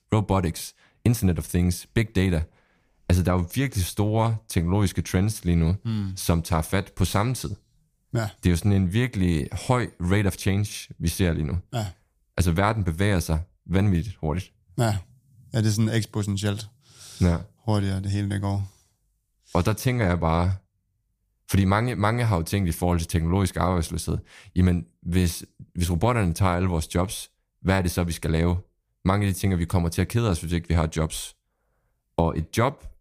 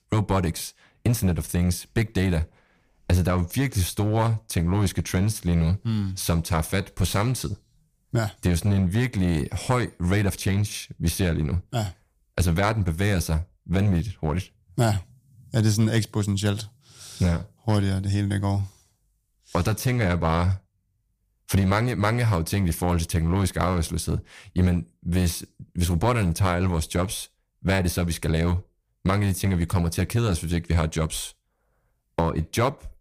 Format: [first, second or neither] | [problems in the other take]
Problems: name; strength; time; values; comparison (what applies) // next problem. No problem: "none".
first | distortion; slight; 4% of the sound clipped